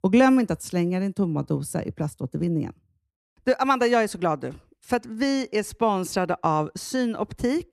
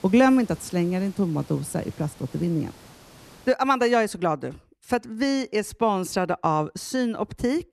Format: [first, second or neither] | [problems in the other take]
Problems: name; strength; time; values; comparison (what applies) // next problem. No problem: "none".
first | hiss; faint; until 3.5 s; 25 dB below the speech